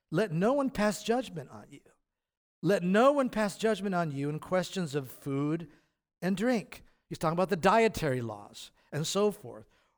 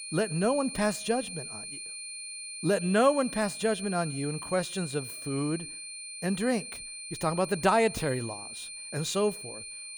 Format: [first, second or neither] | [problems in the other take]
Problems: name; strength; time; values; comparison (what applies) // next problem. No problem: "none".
first | high-pitched whine; loud; throughout; 9 kHz, 9 dB below the speech